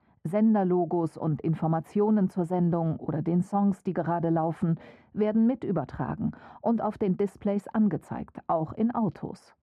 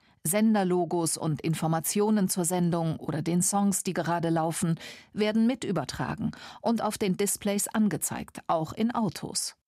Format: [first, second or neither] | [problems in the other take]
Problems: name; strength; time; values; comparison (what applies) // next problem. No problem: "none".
second | muffled; very; fading above 3 kHz